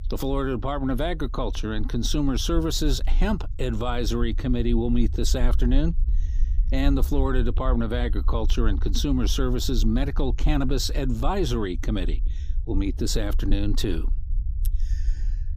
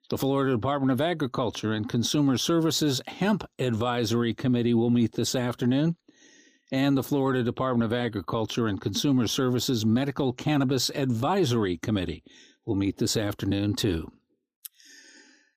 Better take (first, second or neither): second